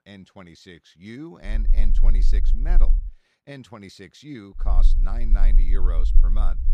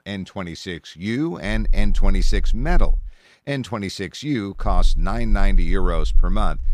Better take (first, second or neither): second